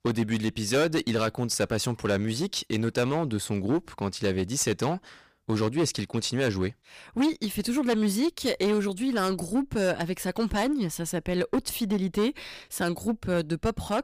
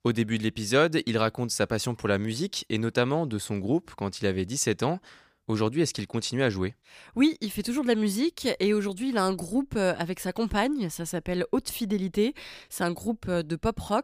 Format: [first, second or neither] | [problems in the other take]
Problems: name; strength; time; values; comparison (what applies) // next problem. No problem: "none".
second | distortion; slight; 9% of the sound clipped